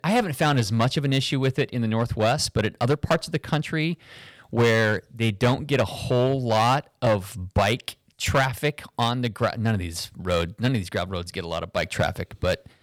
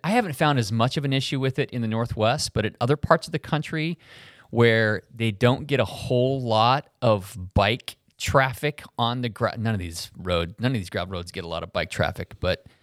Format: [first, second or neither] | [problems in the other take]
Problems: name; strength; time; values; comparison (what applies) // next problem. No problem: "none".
second | distortion; slight; 5% of the sound clipped